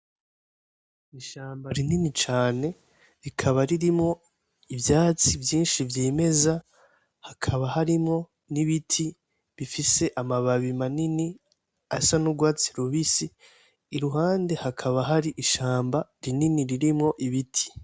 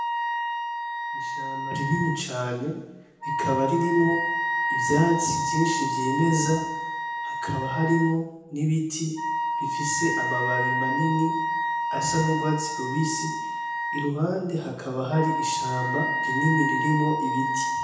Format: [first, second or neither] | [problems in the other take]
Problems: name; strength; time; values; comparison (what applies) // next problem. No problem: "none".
first | background sound (Wind instrument, woodwind instrument); 1 dB below the speech // room echo; dies away in 0.9 s